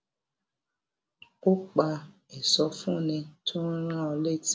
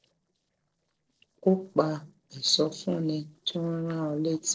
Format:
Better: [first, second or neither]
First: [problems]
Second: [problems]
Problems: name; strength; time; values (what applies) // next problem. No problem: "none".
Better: first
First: none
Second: noise reduction (neural separator model SepFormer DNS4)